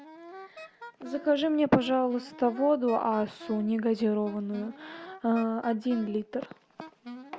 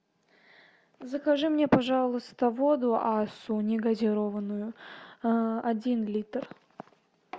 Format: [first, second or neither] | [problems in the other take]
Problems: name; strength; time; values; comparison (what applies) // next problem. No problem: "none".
second | background sound (Wind instrument, woodwind instrument); 18 dB below the speech